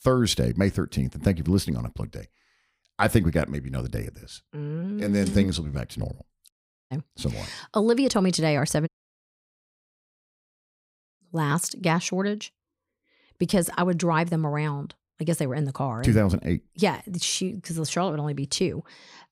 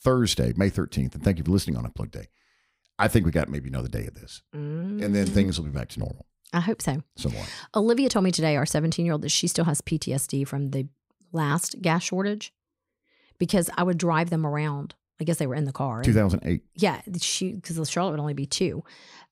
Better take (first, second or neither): second